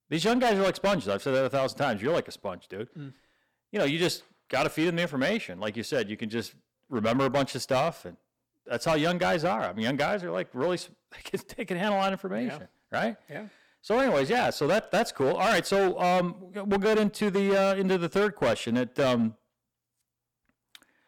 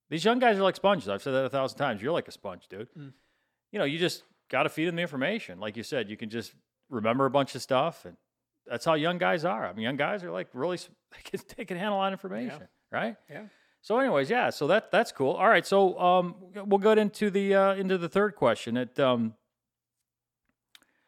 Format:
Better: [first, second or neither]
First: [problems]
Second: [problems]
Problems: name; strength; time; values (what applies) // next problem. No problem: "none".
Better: second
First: distortion; heavy; 10% of the sound clipped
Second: none